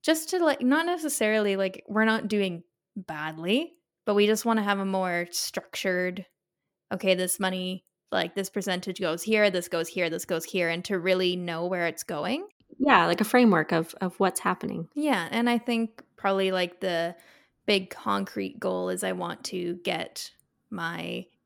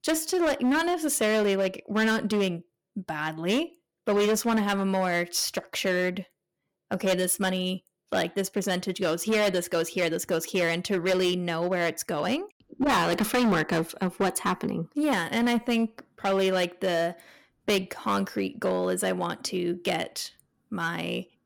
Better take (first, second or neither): first